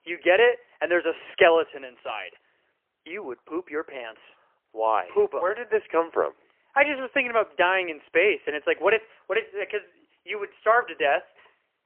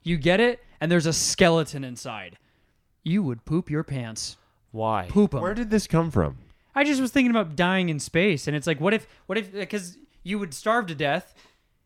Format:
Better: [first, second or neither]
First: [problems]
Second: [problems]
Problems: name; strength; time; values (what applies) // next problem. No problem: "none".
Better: second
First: phone-call audio; poor line; nothing above 3 kHz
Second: none